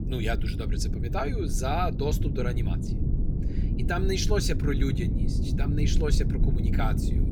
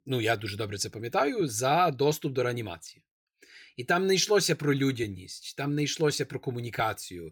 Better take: second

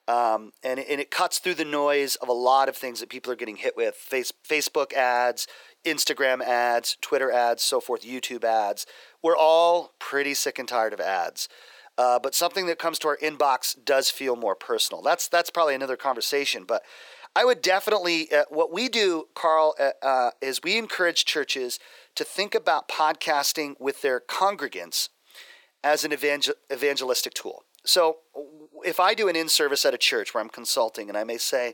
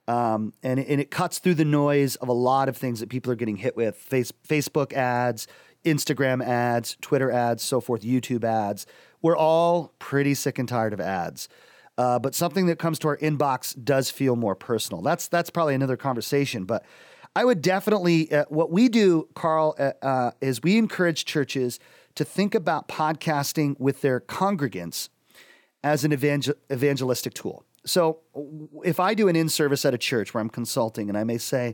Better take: second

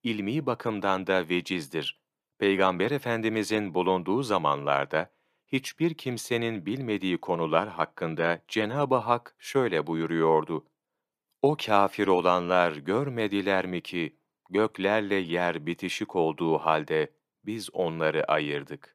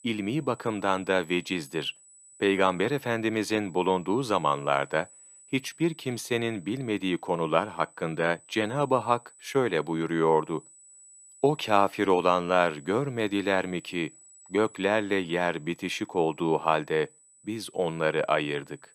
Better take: first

